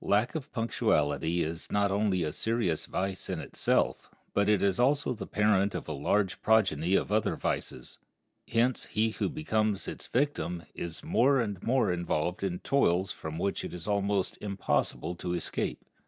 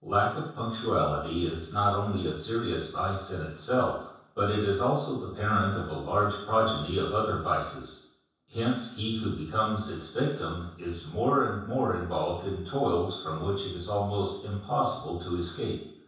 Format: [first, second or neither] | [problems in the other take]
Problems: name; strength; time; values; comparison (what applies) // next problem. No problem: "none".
first | room echo; dies away in 0.7 s